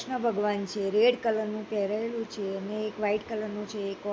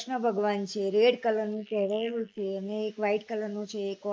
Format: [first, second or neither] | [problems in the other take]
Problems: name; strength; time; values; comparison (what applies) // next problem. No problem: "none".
first | noise reduction (neural mask model Resemble Enhance denoiser)